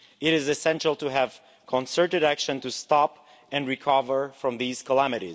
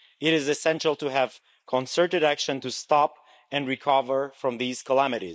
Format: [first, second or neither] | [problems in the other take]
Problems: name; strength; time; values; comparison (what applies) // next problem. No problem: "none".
first | noise reduction (neural mask model Resemble Enhance denoiser)